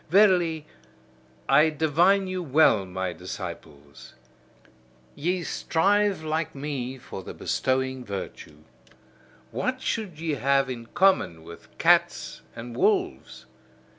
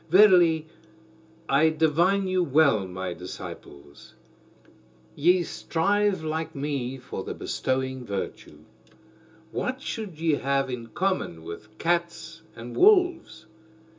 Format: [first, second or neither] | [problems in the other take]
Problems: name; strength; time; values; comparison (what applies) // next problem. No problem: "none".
first | room echo; dies away in 0.2 s